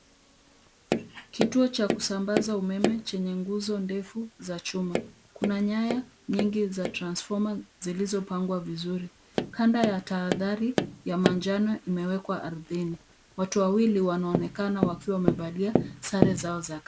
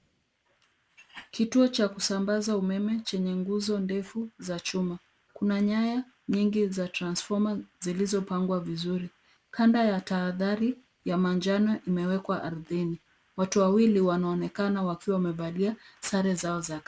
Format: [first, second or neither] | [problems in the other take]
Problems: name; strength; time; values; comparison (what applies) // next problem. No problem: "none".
second | background sound (Tap); 5 dB below the speech